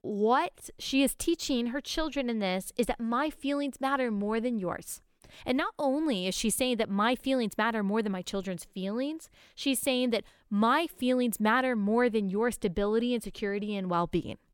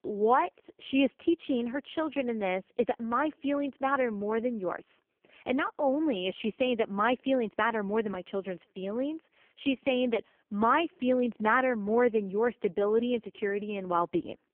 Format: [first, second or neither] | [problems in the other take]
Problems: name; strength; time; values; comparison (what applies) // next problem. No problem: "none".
first | phone-call audio; poor line; nothing above 3.5 kHz